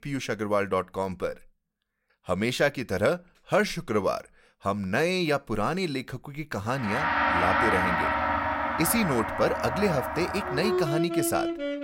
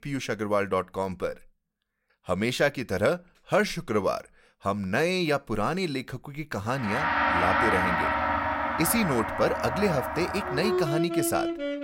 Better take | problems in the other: neither | background music; very loud; from 7 s on; 1 dB above the speech; the same in both

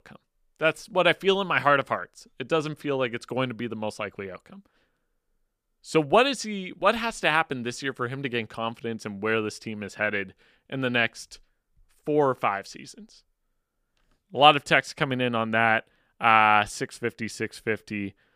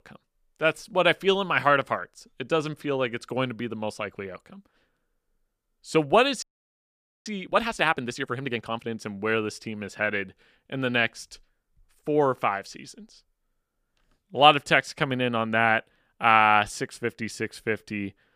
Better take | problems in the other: first | audio freezing; at 6.5 s for 1 s

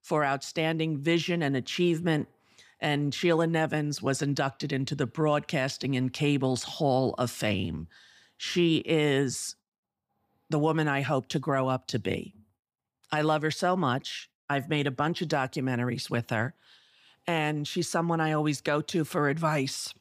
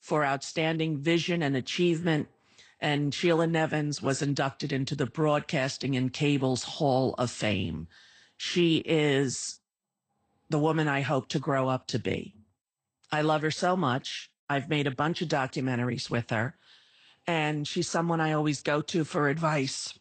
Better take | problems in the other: first | garbled, watery; slightly; nothing above 8.5 kHz

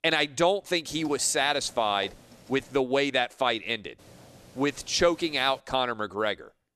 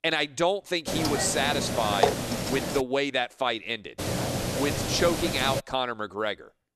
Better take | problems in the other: first | hiss; loud; from 1 to 3 s and from 4 to 5.5 s; 1 dB below the speech; faint in the first

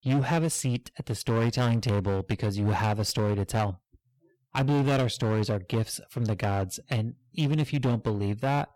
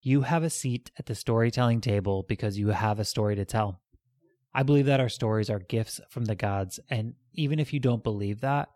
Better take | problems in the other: second | distortion; slight; 16% of the sound clipped

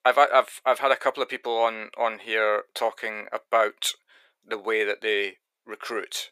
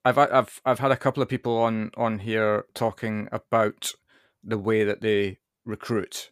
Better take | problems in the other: second | thin; very; fading below 450 Hz

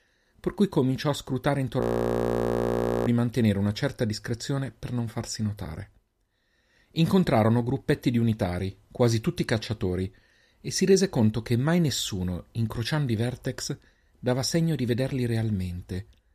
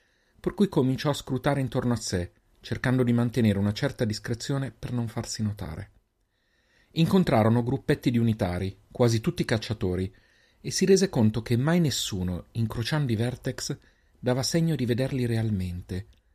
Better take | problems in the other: second | audio freezing; at 2 s for 1.5 s

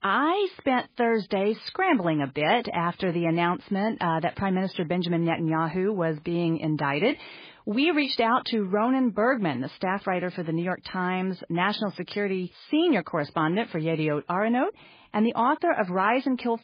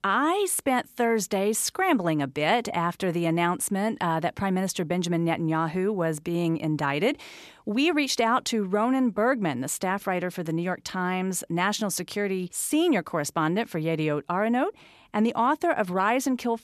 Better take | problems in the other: second | garbled, watery; badly; nothing above 4 kHz

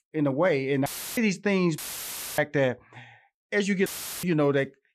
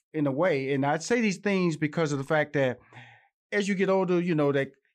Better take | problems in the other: second | audio cutting out; filled with static; at 1 s, at 2 s for 0.5 s and at 4 s

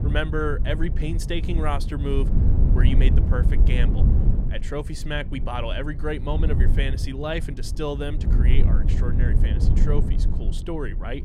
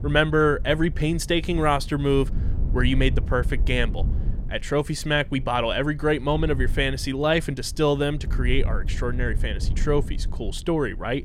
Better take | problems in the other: second | low rumble; loud; throughout; 7 dB below the speech; faint in the second

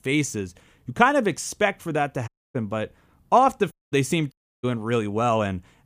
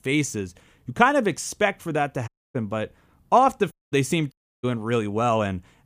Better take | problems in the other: neither | audio cutting out; at 2.5 s, at 3.5 s and at 4.5 s; the same in both

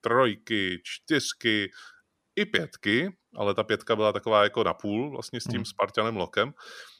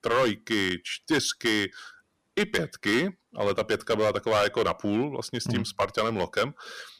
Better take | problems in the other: first | distortion; heavy; 6% of the sound clipped

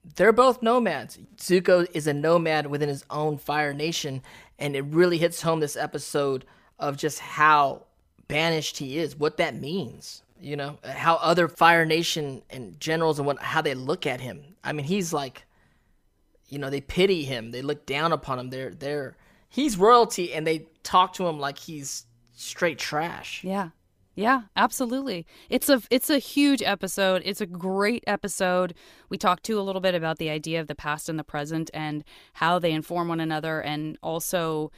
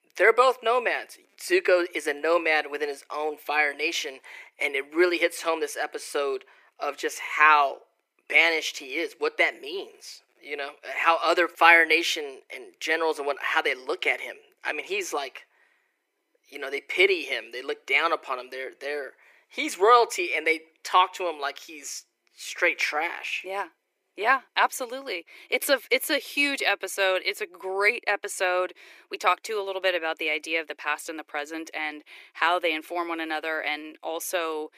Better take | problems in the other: first | thin; very; fading below 350 Hz

